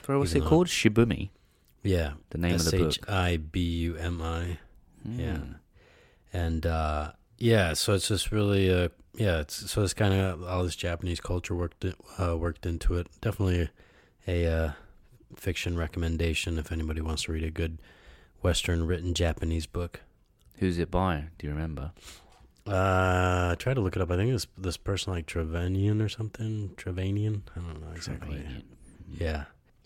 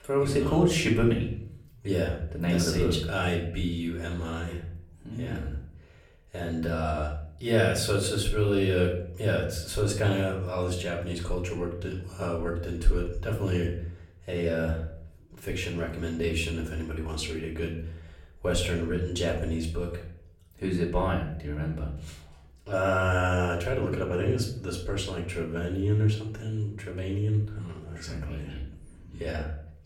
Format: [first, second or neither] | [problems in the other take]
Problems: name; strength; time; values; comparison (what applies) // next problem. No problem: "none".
first | off-mic speech; far // room echo; slight; dies away in 0.5 s